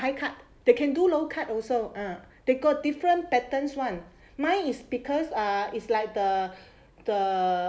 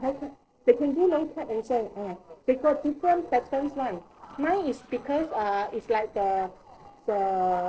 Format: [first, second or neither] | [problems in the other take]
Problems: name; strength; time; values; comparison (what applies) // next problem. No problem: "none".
first | noise reduction (neural separator model SepFormer DNS4)